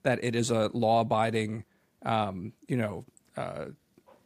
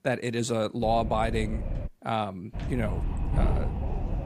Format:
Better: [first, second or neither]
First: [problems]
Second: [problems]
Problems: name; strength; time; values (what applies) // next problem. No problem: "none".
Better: first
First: none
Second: wind noise on the microphone; occasional gusts; from 1 to 2 s and from 2.5 s on; 10 dB below the speech